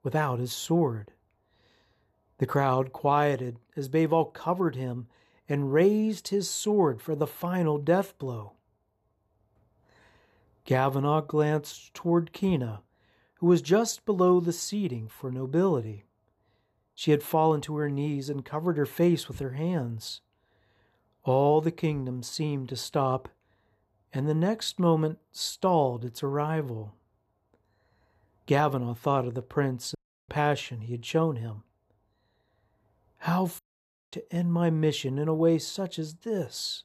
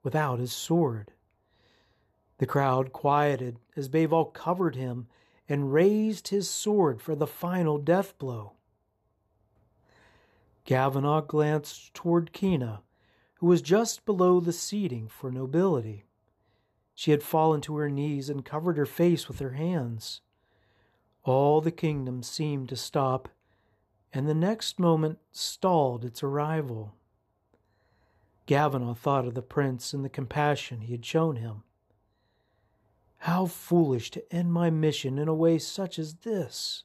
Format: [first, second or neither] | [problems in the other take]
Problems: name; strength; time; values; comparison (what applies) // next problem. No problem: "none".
second | audio cutting out; at 30 s and at 34 s for 0.5 s